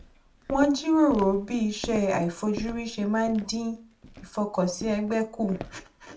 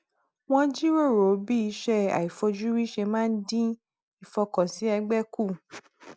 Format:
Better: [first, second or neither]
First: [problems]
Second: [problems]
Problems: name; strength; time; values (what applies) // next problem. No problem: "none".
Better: second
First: background sound (Walk, footsteps); 16 dB below the speech // room echo; dies away in 0.2 s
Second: none